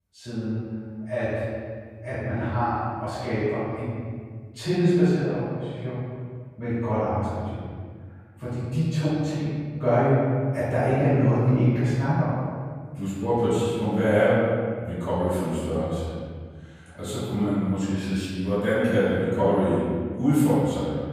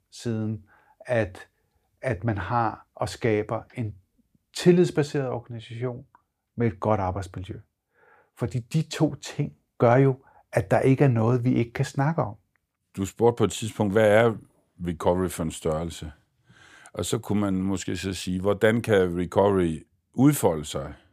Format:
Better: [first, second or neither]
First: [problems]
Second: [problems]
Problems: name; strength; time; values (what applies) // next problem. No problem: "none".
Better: second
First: off-mic speech; far // room echo; strong; dies away in 1.9 s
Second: none